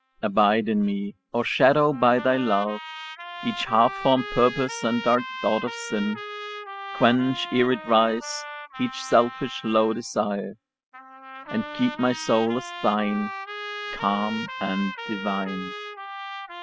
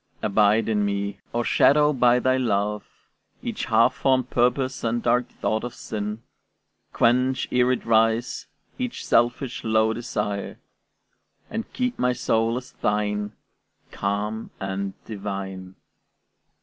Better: second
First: noise reduction (classical method spectral subtraction)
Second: none

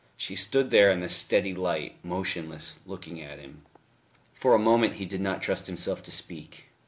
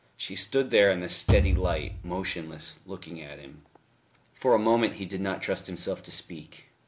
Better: first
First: none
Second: background sound (Bass drum / Thump, thud); 2 dB above the speech

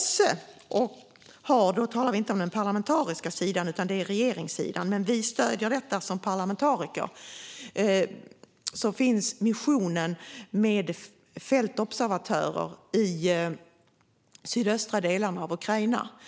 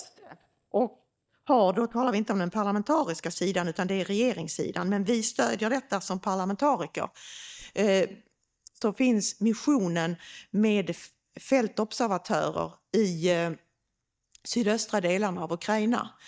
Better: first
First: none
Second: noise reduction (neural mask model DeepFilterNet 3)

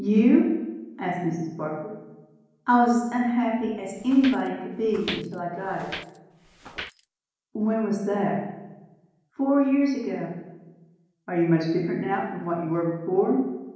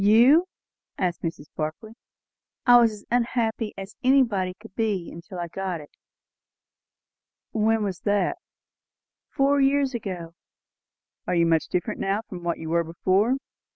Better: second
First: background sound (Walk, footsteps); 15 dB below the speech // room echo; dies away in 1 s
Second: none

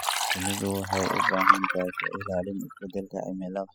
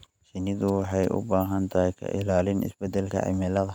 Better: second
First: noise reduction (classical method spectral subtraction)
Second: none

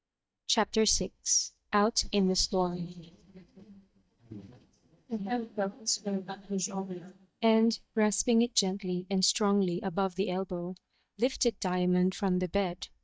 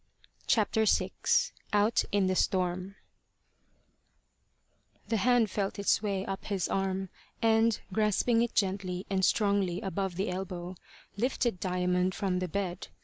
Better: second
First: noise reduction (neural mask model DeepFilterNet 3)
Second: none

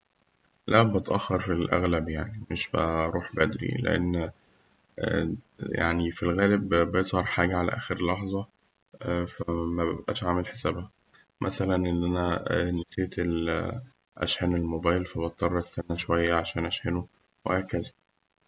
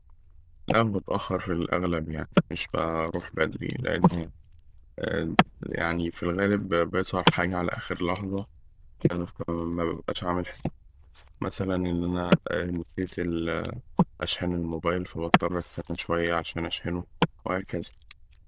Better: first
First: none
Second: noise reduction (neural diffusion model UNIVERSE++)

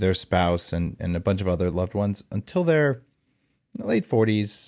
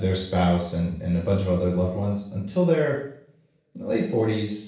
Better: first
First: none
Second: room echo; dies away in 0.7 s

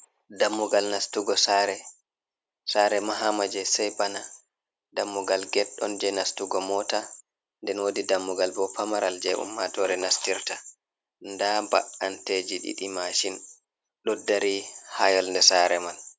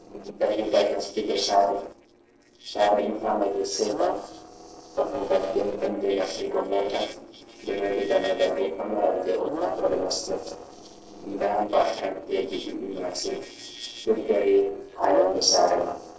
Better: first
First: none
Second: noise reduction (neural separator model SepFormer DNS4)

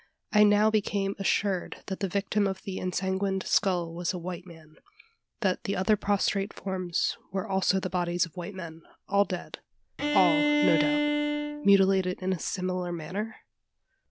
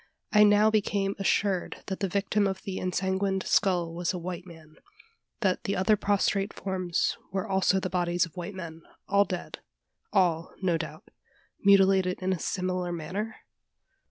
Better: second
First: background sound (Bowed string instrument); as loud as the speech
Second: none

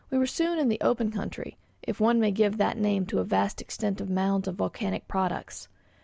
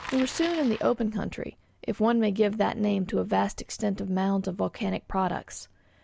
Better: first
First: none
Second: background sound (Bicycle); 20 dB below the speech

